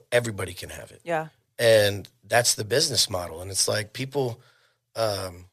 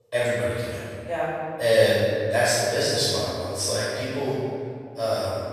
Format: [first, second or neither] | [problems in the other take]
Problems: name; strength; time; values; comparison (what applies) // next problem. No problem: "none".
first | off-mic speech; far // room echo; strong; dies away in 2.2 s